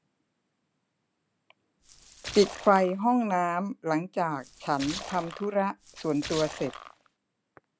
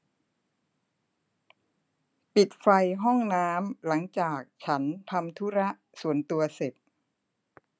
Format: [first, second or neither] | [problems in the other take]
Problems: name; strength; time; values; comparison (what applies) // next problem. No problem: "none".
second | background sound (Splash, splatter); 13 dB below the speech